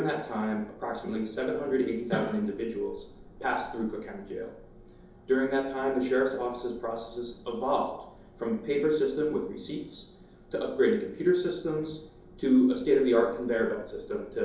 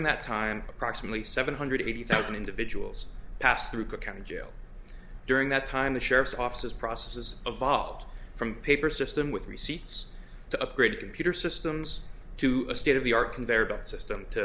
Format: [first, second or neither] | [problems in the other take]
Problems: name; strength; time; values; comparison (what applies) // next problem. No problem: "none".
second | room echo; dies away in 2.8 s